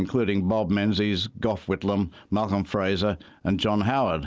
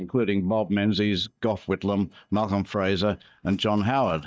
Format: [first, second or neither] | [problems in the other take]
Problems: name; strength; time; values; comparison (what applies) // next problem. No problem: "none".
first | noise reduction (neural mask model DeepFilterNet 3)